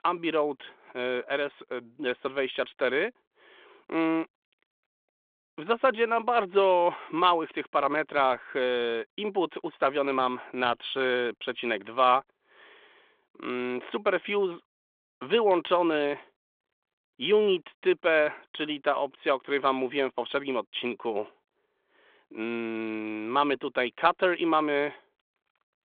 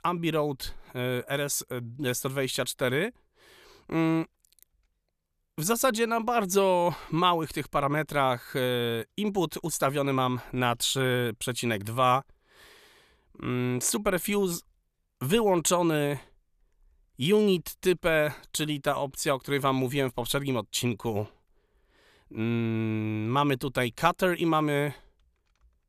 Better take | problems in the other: second | phone-call audio; nothing above 3.5 kHz

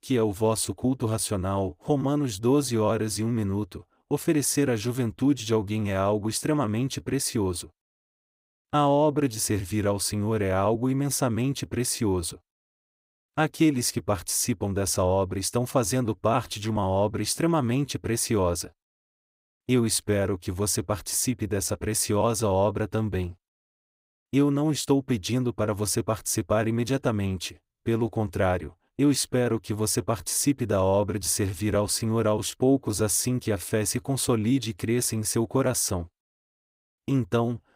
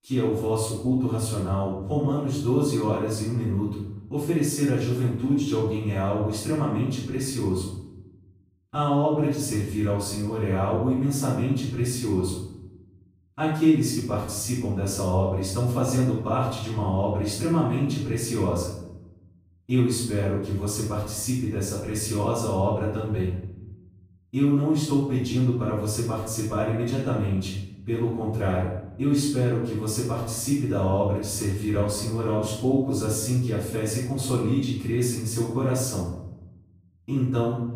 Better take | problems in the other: first | off-mic speech; far // room echo; noticeable; dies away in 0.9 s

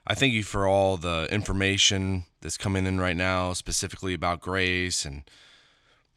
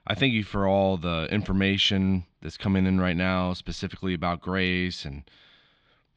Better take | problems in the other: first | muffled; slightly; fading above 4 kHz

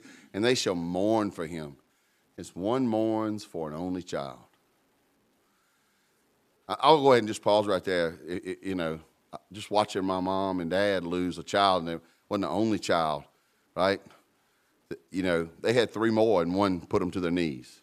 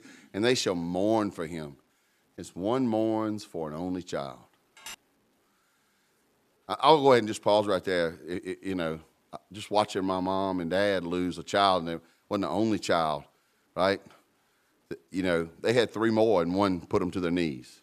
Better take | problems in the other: first | clattering dishes; faint; at 5 s; peak 15 dB below the speech

